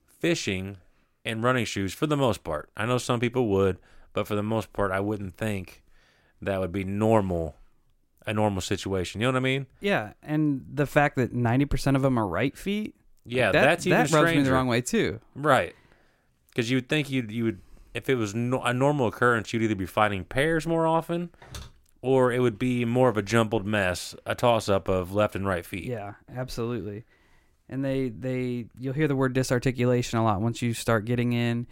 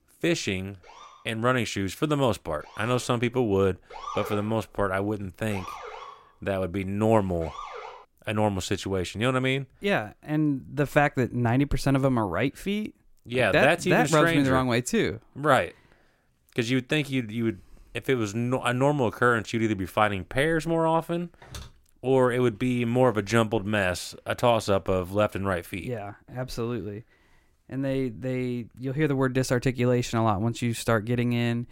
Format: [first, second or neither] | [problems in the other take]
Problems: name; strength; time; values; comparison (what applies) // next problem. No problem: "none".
first | siren; noticeable; from 1 to 8 s; peak 10 dB below the speech